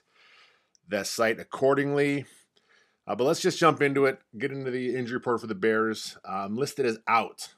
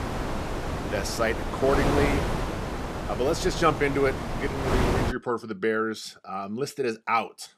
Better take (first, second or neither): first